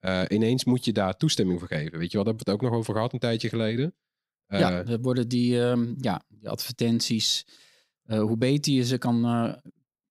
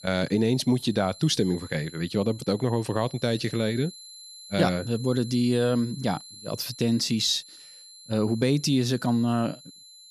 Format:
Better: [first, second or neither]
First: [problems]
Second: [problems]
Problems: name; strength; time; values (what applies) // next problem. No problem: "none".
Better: first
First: none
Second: high-pitched whine; noticeable; throughout; 4 kHz, 20 dB below the speech